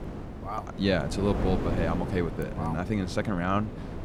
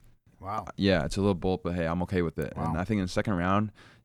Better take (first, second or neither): second